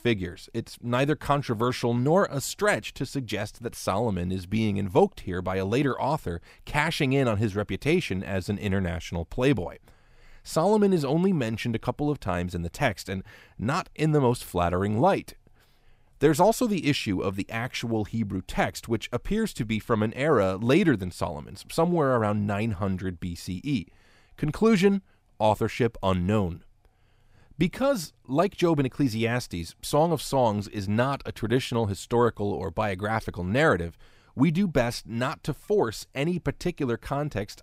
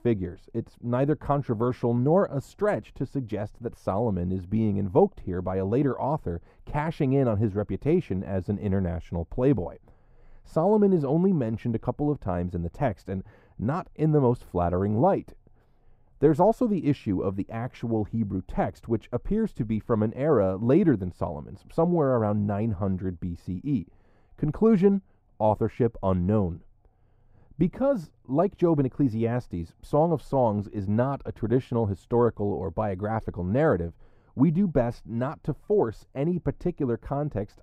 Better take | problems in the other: first | muffled; very; fading above 1.5 kHz

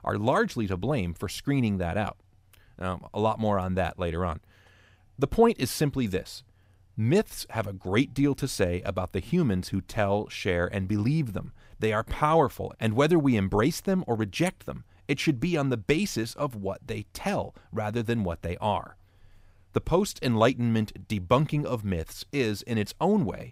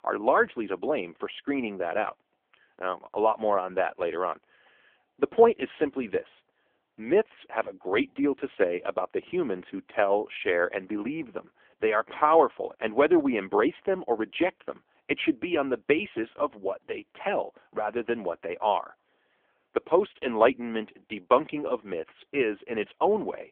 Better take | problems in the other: first | phone-call audio; poor line; nothing above 3.5 kHz

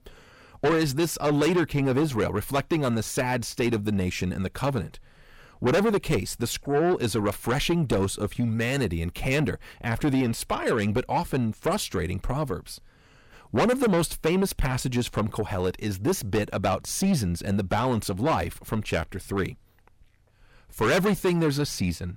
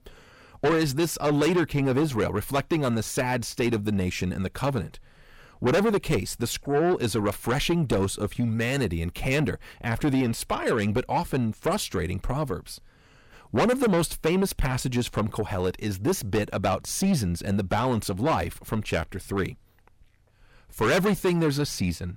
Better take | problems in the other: neither | distortion; heavy; 7 dB below the speech; the same in both

